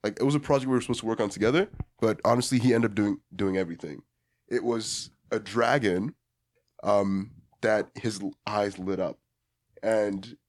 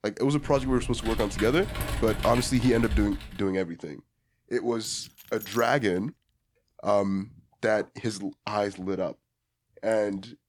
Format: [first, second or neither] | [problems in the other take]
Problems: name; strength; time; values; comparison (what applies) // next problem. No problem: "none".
first | keyboard typing; noticeable; until 3.5 s; peak 5 dB below the speech // jangling keys; faint; at 5 s; peak 15 dB below the speech